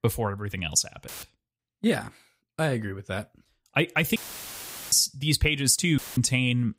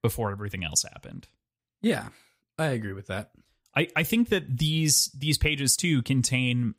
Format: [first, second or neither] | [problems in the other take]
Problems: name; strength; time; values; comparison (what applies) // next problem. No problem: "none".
second | audio cutting out; filled with static; at 1 s, at 4 s for 1 s and at 6 s